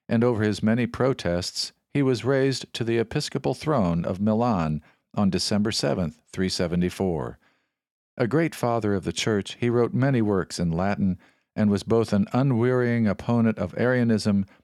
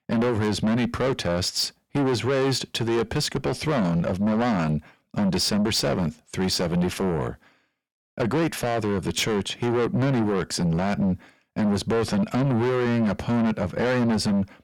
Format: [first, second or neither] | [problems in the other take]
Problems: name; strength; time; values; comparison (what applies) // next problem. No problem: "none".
first | distortion; heavy; 6 dB below the speech